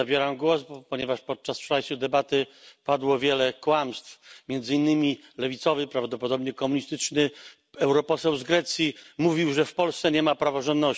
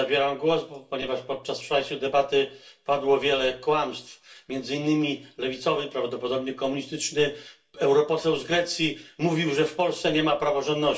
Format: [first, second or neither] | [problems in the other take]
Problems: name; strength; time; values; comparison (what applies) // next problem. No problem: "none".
first | room echo; dies away in 0.3 s